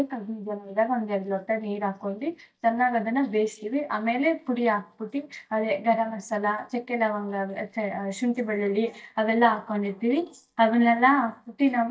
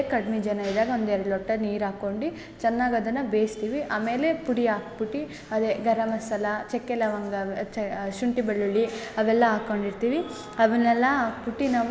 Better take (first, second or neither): second